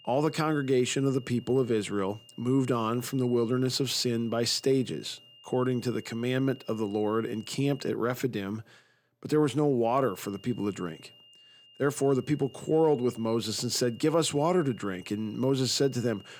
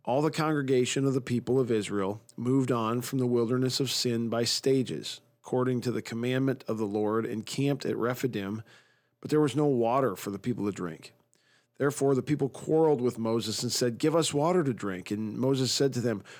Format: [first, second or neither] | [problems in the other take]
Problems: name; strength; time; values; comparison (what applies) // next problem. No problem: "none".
second | high-pitched whine; faint; until 8 s and from 10 s on; 3 kHz, 25 dB below the speech